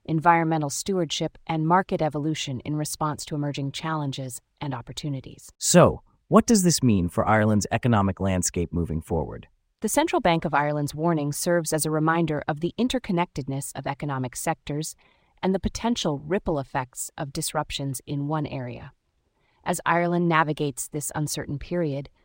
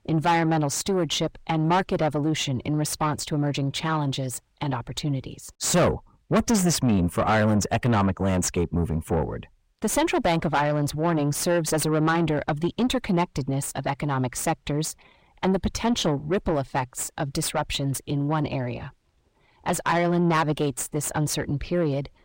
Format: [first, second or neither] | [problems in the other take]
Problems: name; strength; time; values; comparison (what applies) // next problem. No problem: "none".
first | distortion; heavy; 7 dB below the speech